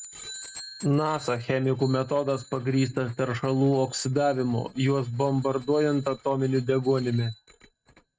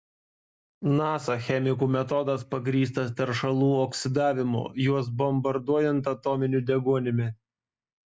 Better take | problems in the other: second | noise reduction (neural mask model RNNoise)

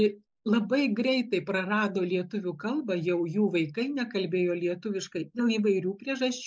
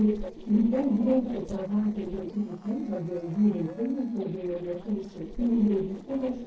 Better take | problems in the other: first | noise reduction (neural separator model SepFormer DNS4)

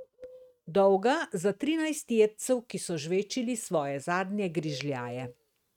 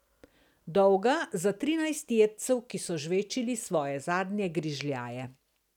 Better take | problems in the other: second | noise reduction (neural mask model RNNoise)

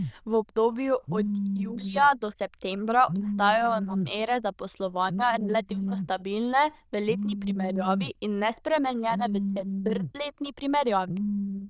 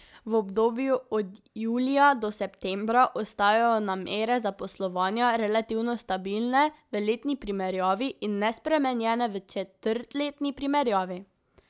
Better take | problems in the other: second | noise reduction (neural diffusion model UNIVERSE++)

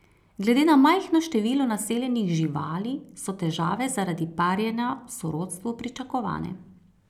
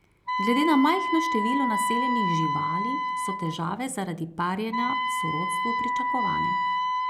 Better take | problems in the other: first | background sound (Wind instrument, woodwind instrument); 1 dB above the speech

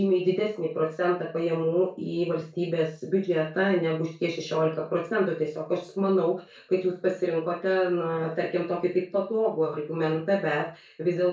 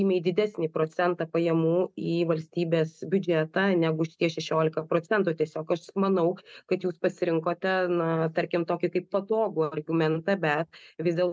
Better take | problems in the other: second | room echo; dies away in 0.3 s

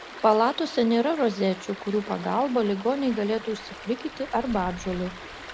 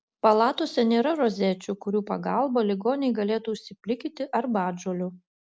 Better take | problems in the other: second | background sound (Stream); 15 dB below the speech

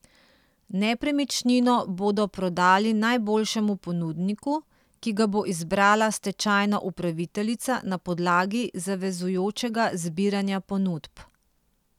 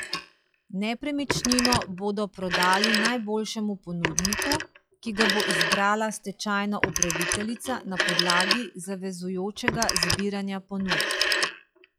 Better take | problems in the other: first | noise reduction (classical method log-MMSE)

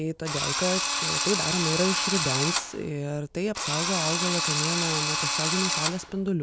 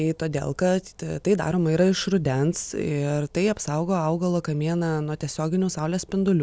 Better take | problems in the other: second | background sound (Drill); 2 dB above the speech

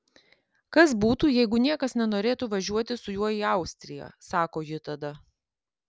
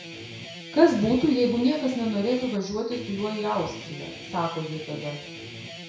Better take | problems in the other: first | background sound (Guitar); 13 dB below the speech // room echo; dies away in 0.6 s

